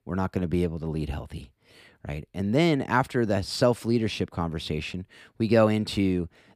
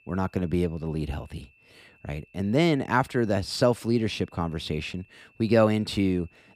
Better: first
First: none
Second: high-pitched whine; faint; throughout; 2.5 kHz, 30 dB below the speech

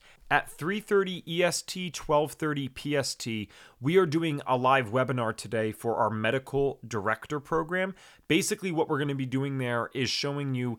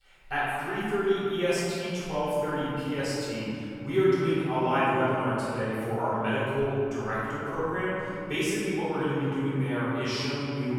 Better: first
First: none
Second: off-mic speech; far // room echo; strong; dies away in 2.8 s

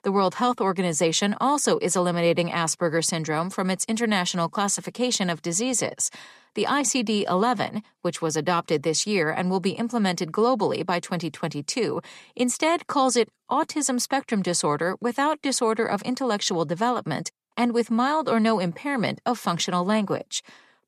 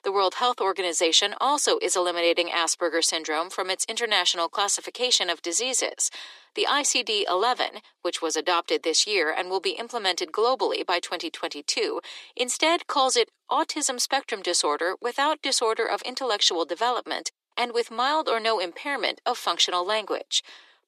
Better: first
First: none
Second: thin; very; fading below 350 Hz

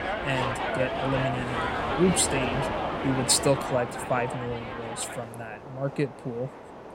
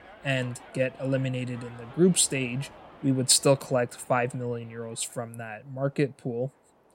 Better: second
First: train or aircraft noise; loud; throughout; 2 dB below the speech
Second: train or aircraft noise; faint; throughout; 25 dB below the speech

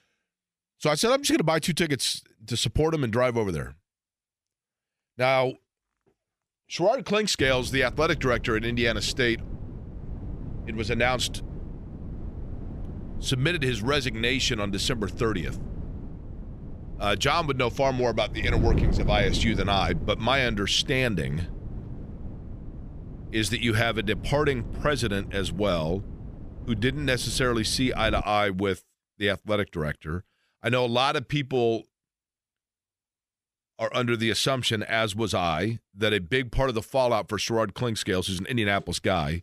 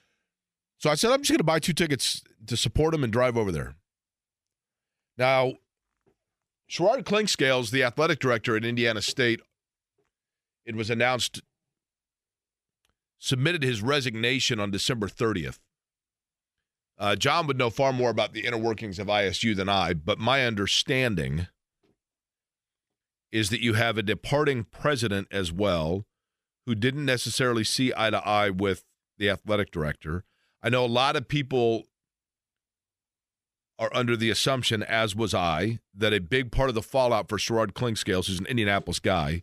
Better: second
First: wind noise on the microphone; occasional gusts; from 7.5 to 28 s; 20 dB below the speech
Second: none

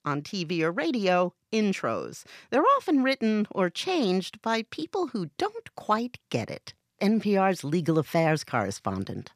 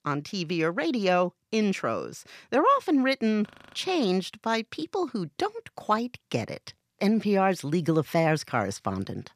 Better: first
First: none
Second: audio freezing; at 3.5 s

